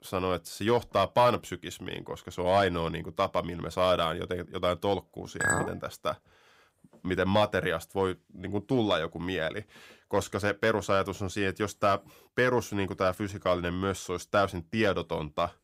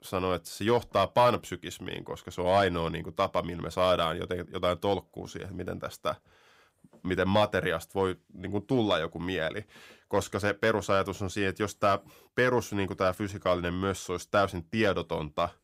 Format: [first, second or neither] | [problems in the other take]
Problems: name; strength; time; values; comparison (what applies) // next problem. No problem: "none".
second | clattering dishes; loud; at 5.5 s; peak 2 dB above the speech